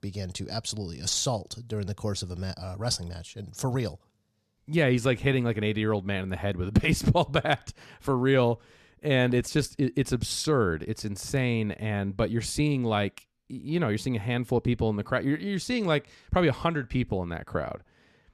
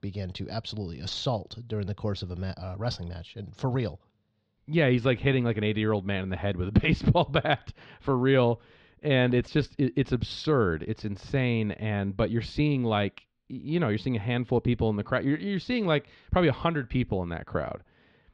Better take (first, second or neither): first